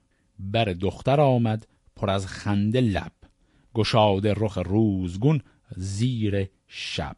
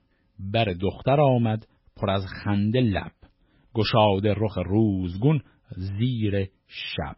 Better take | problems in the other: first | garbled, watery; badly; nothing above 5.5 kHz; slightly in the first

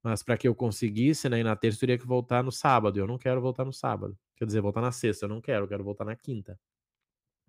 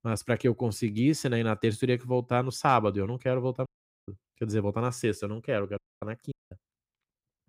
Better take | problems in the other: first | audio cutting out; at 3.5 s, at 6 s and at 6.5 s

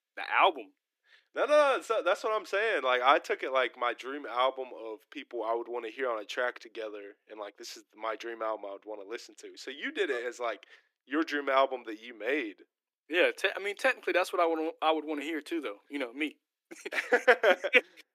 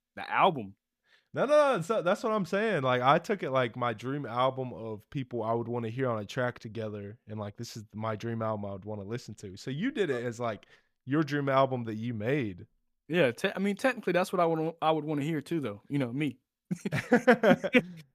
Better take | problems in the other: second | thin; somewhat; fading below 300 Hz

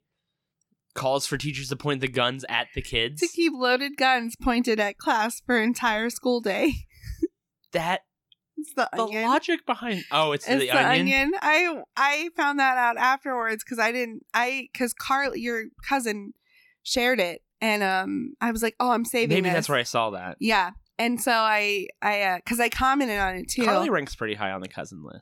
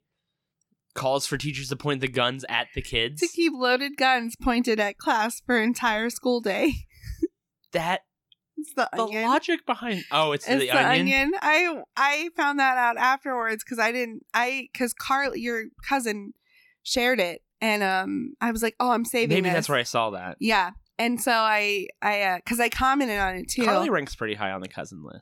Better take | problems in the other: neither | none

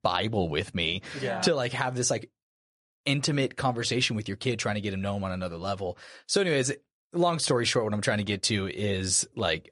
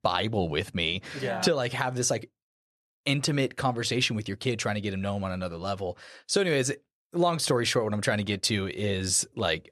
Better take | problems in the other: second | garbled, watery; slightly; nothing above 10.5 kHz

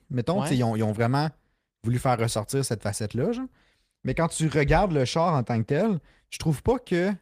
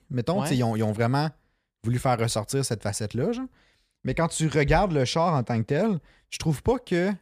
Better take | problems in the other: second | garbled, watery; slightly; nothing above 15 kHz

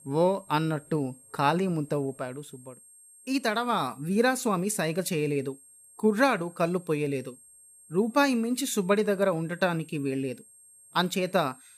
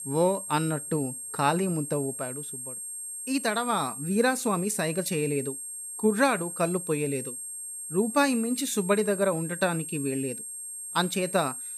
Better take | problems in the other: first | high-pitched whine; loud; throughout; 8.5 kHz, 7 dB below the speech; faint in the first

